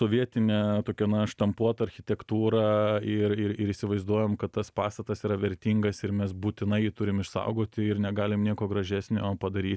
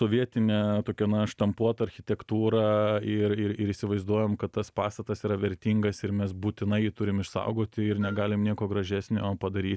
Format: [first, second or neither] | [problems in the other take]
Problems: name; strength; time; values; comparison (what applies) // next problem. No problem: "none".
first | background sound (Wind instrument, woodwind instrument); 18 dB below the speech